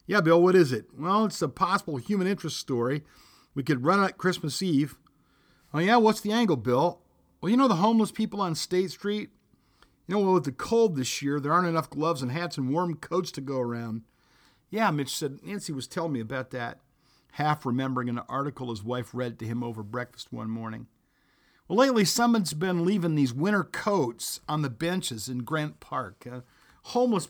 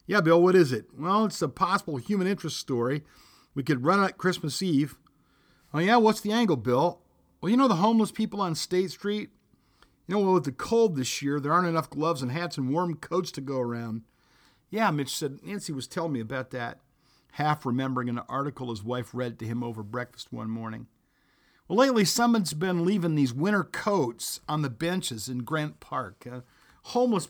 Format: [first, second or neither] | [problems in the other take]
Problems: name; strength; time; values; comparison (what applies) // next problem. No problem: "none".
neither | none